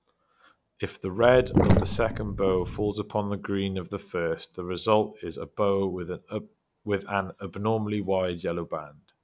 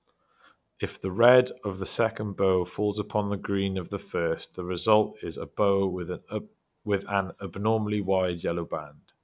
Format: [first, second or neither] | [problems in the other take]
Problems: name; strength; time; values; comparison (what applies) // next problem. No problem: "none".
second | background sound (Sink (filling or washing)); 2 dB above the speech